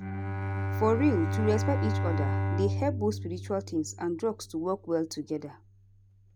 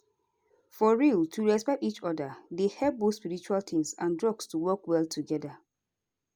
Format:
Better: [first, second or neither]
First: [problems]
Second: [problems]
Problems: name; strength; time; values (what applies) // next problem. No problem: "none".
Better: second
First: background sound (Bowed string instrument); 1 dB below the speech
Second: none